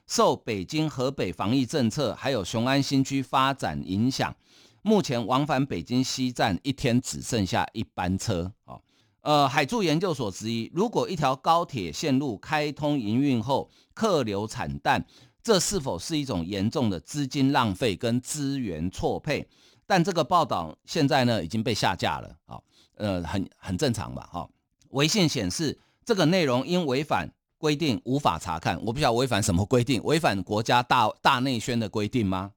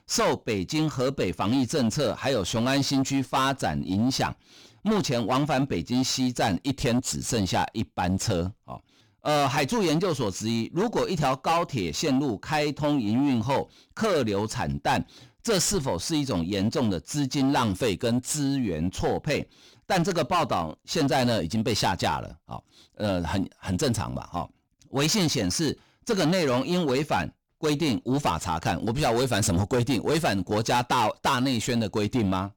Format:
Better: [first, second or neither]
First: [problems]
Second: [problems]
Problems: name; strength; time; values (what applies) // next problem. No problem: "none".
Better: first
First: none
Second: distortion; heavy; 8 dB below the speech